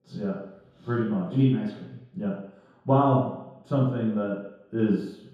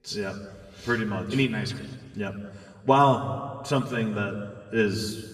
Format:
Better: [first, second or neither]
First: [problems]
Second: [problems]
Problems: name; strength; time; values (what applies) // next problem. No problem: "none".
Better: second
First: room echo; strong; dies away in 0.8 s // off-mic speech; far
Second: room echo; slight; dies away in 1.6 s // off-mic speech; far